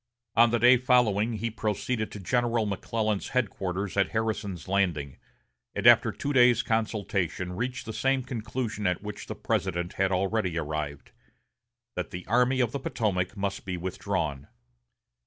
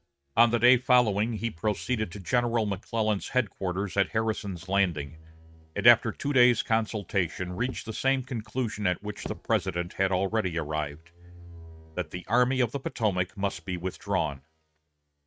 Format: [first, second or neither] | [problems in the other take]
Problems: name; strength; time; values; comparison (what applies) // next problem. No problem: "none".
first | noise reduction (neural mask model RNNoise)